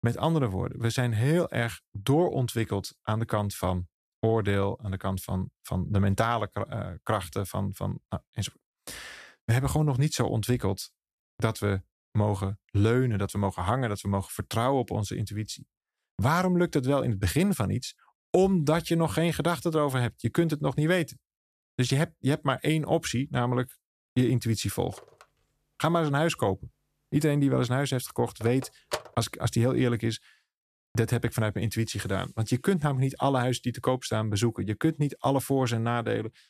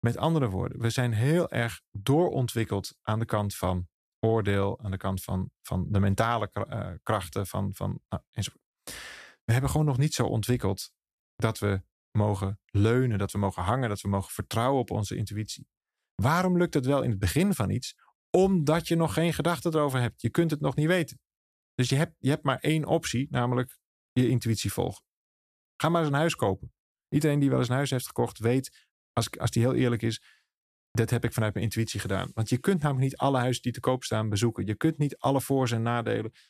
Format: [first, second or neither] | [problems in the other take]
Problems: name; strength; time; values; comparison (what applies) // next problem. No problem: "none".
second | phone ringing; noticeable; from 25 to 29 s; peak 8 dB below the speech